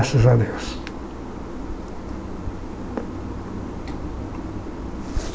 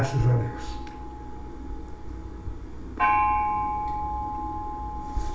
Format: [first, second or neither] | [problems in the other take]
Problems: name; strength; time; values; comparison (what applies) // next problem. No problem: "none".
first | background sound (Gong); as loud as the speech // room echo; dies away in 0.4 s